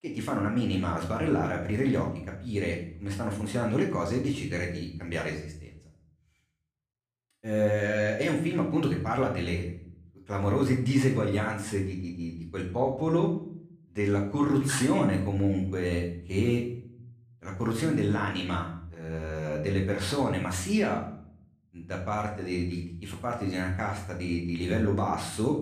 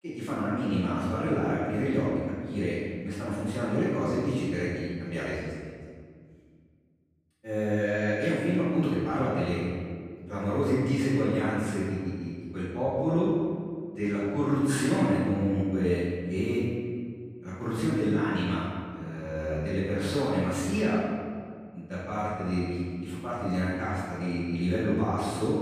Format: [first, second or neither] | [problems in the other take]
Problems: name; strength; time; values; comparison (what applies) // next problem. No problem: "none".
first | room echo; strong; dies away in 1.9 s; slight in the first // off-mic speech; far; far in the first